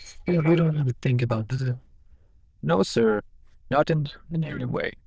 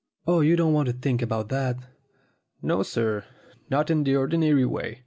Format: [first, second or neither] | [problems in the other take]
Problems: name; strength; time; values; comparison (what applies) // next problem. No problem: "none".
second | noise reduction (neural diffusion model UNIVERSE++)